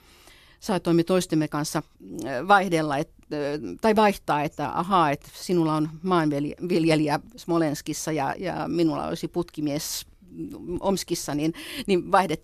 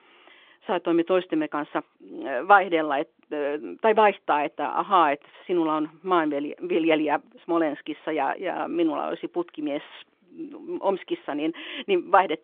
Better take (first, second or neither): first